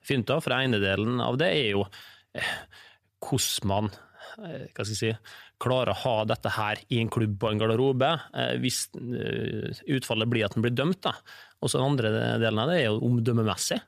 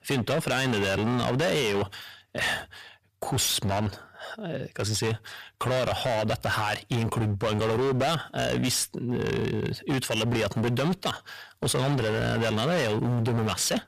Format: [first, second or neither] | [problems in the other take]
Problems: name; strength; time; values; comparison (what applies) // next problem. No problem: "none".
first | distortion; heavy; 22% of the sound clipped